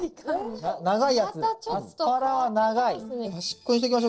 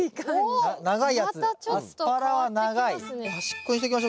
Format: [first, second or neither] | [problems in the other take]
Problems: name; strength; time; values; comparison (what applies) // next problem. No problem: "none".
second | noise reduction (neural separator model SepFormer DNS4)